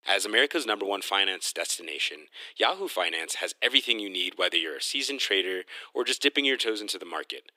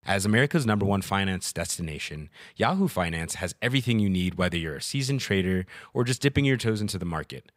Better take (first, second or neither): second